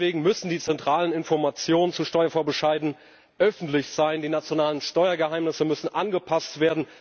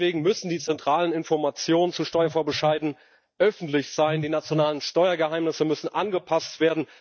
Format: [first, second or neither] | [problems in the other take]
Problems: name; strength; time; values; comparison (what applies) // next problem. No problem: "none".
first | noise reduction (neural mask model DeepFilterNet 3)